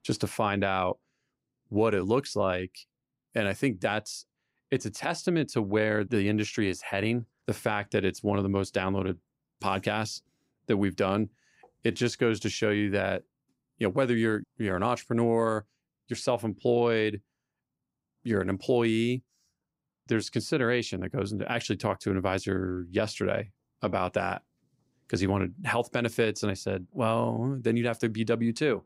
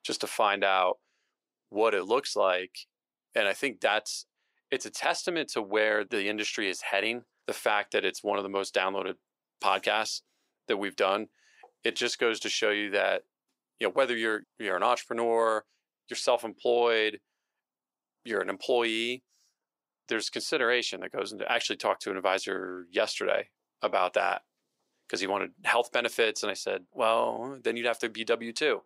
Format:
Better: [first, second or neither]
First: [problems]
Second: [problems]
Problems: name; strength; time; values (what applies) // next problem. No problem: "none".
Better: first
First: none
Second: thin; very; fading below 600 Hz